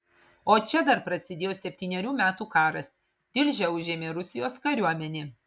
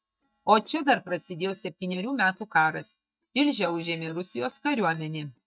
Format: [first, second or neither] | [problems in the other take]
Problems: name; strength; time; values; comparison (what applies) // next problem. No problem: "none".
first | noise reduction (neural mask model DeepFilterNet 3)